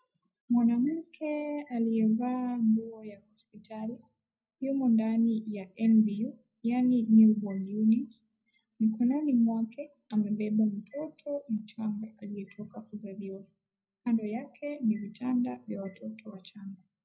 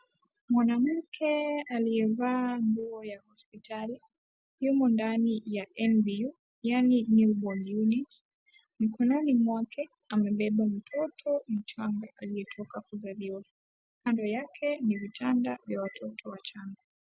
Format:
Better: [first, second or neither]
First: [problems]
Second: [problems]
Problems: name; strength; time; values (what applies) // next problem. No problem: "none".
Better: second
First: room echo; dies away in 0.3 s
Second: none